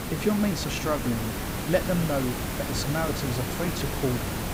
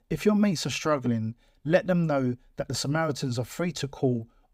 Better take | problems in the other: second | hiss; loud; throughout; 2 dB below the speech

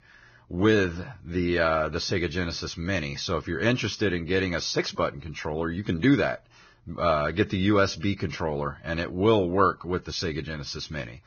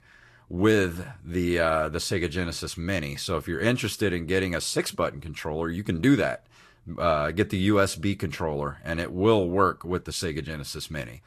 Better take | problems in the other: second | garbled, watery; badly; nothing above 6.5 kHz; slightly in the second

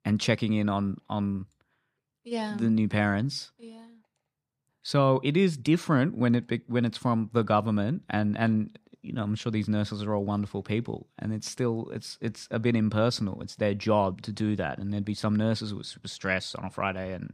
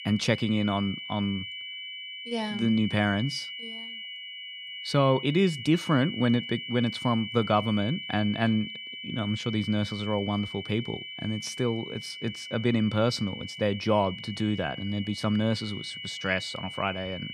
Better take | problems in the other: first | high-pitched whine; loud; throughout; 3 kHz, 9 dB below the speech

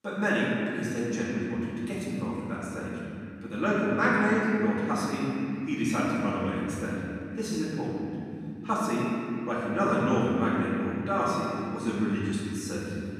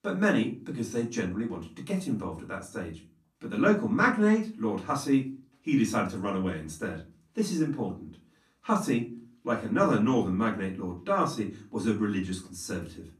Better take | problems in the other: second | room echo; strong; dies away in 3 s; slight in the second // off-mic speech; far; far in the second

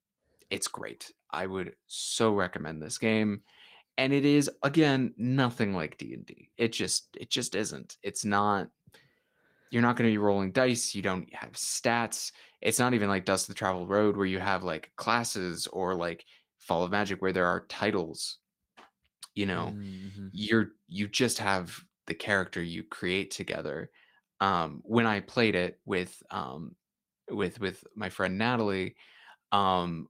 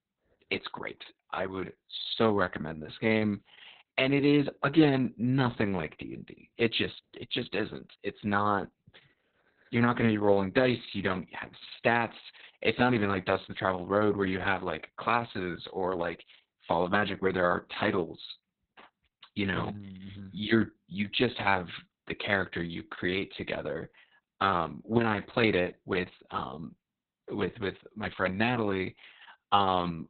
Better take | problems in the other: first | garbled, watery; badly; nothing above 4 kHz; slightly in the first

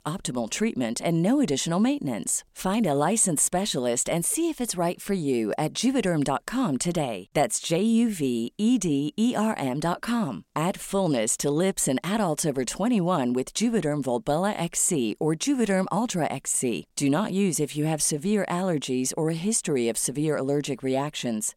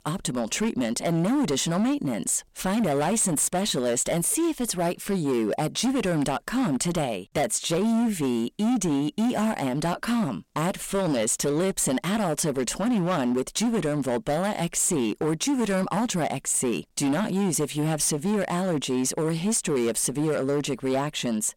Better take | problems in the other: first | distortion; slight; 17% of the sound clipped

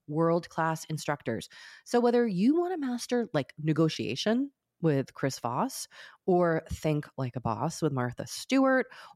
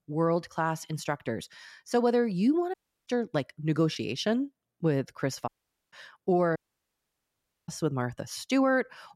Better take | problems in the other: first | audio cutting out; at 2.5 s, at 5.5 s and at 6.5 s for 1 s

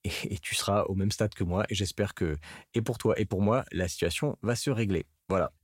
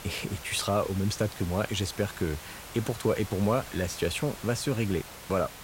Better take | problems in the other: first | hiss; noticeable; throughout; 10 dB below the speech

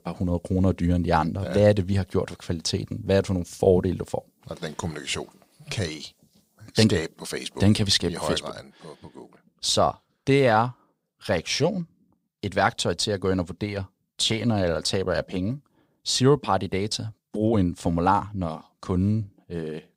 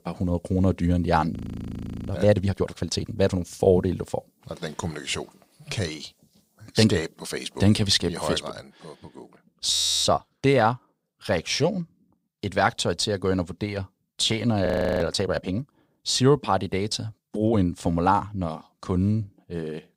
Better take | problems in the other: first | audio freezing; at 1.5 s for 0.5 s, at 9.5 s and at 15 s

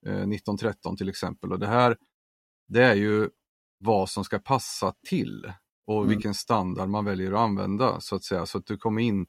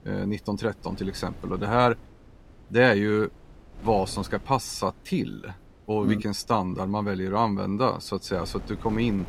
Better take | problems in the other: first | wind noise on the microphone; occasional gusts; 25 dB below the speech

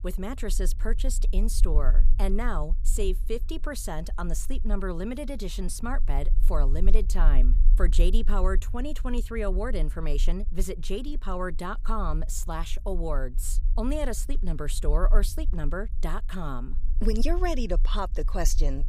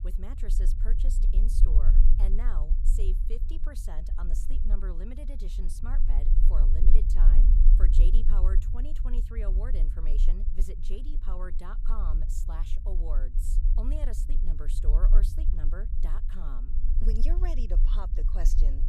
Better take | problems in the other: first | low rumble; loud; throughout; 5 dB below the speech; faint in the first

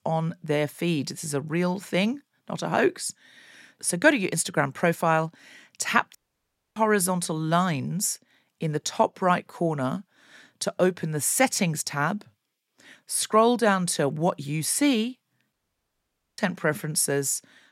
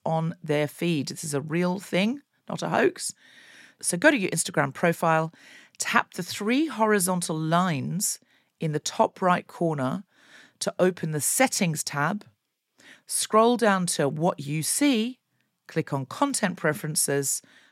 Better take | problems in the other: second | audio cutting out; at 6 s for 0.5 s and at 16 s for 1 s

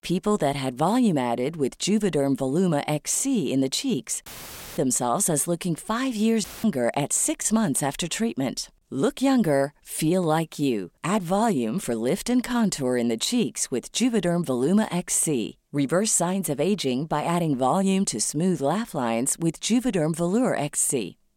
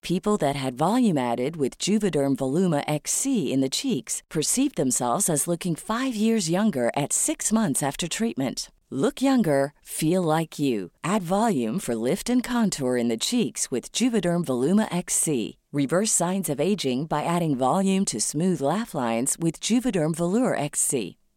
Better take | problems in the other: second | audio cutting out; filled with static; at 4.5 s for 0.5 s and at 6.5 s

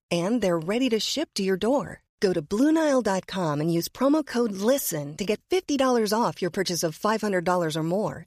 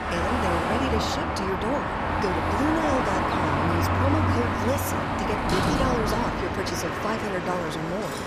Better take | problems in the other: first | traffic noise; very loud; throughout; 4 dB above the speech

